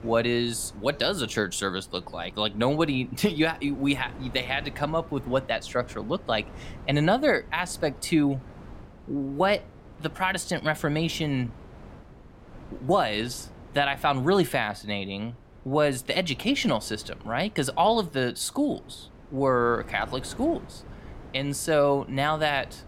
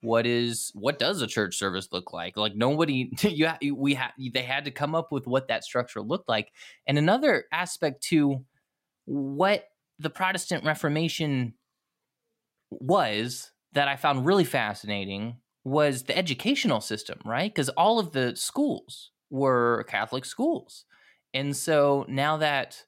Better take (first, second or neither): second